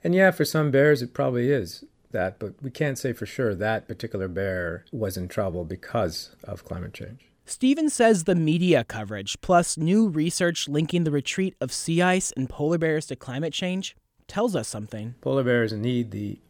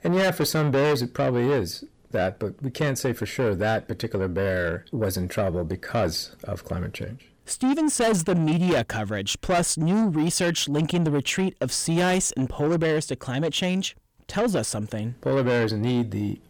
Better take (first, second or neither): first